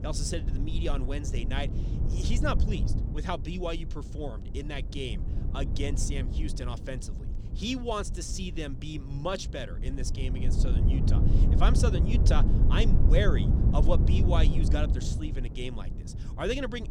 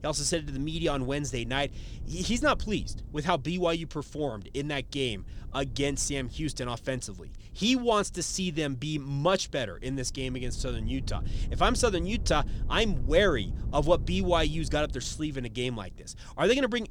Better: second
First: low rumble; loud; throughout; 6 dB below the speech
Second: low rumble; faint; throughout; 25 dB below the speech

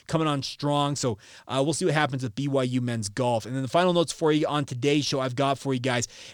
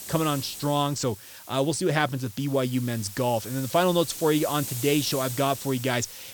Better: first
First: none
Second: hiss; noticeable; throughout; 10 dB below the speech

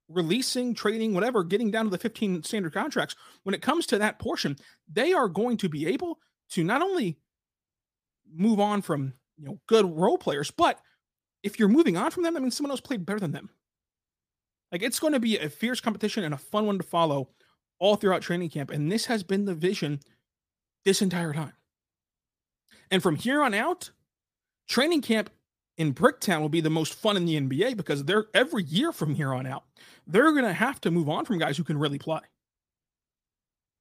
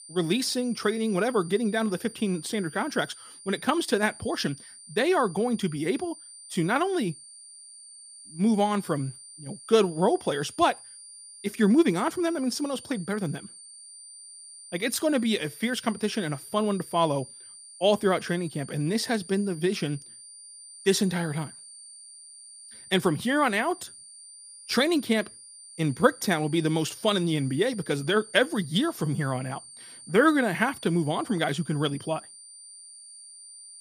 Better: first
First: none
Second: high-pitched whine; noticeable; throughout; 9 kHz, 15 dB below the speech

